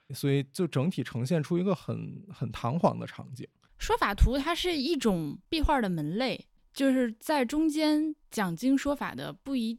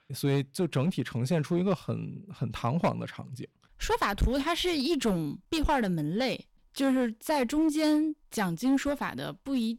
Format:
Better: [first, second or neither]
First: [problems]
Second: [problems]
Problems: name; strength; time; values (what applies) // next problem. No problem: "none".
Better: first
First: none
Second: distortion; slight; 6% of the sound clipped